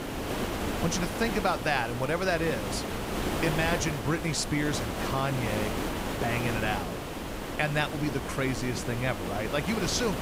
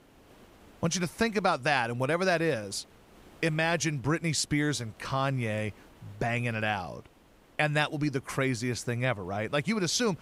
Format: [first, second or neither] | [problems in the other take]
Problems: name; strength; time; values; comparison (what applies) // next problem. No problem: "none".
second | hiss; loud; throughout; 3 dB below the speech; faint in the second